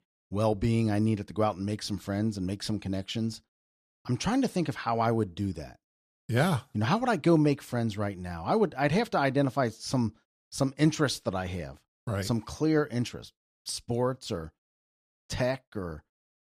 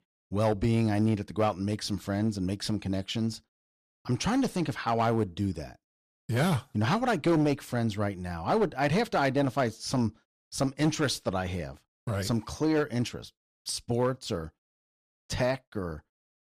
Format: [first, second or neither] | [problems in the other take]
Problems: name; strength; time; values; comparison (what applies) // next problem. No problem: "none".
first | distortion; slight; 5% of the sound clipped